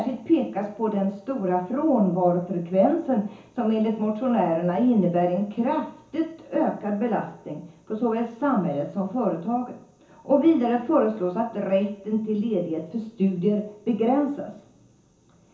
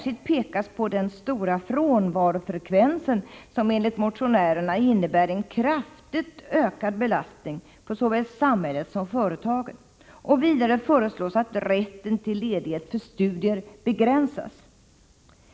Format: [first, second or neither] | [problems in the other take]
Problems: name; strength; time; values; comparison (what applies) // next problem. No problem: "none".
second | room echo; dies away in 0.7 s